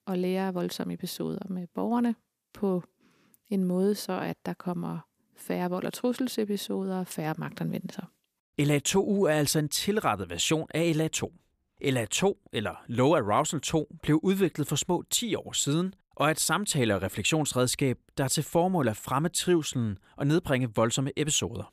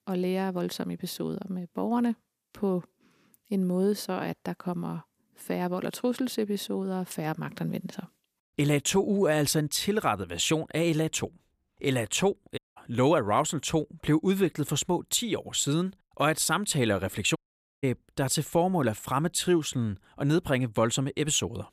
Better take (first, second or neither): first